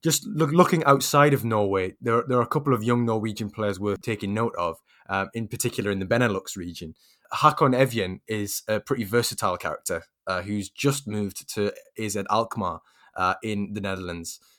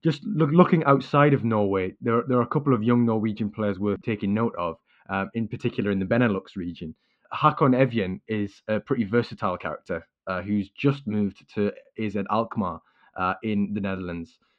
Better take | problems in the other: first | muffled; very; fading above 3 kHz

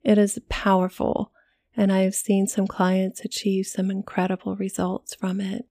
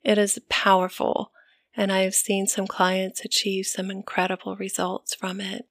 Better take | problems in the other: first | thin; somewhat; fading below 750 Hz

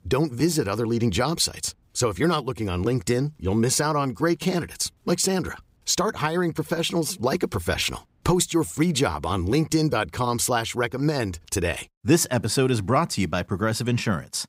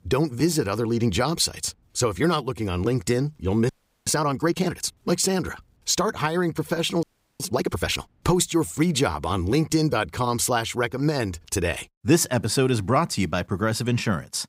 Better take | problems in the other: first | audio freezing; at 3.5 s and at 7 s

